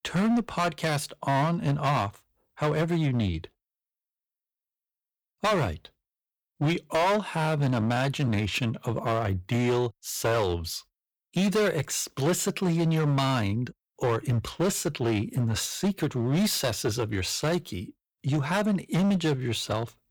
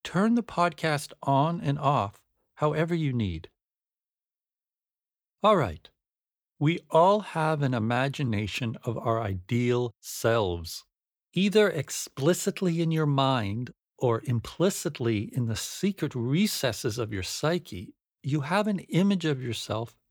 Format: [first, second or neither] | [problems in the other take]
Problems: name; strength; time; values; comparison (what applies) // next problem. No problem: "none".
second | distortion; heavy; 11% of the sound clipped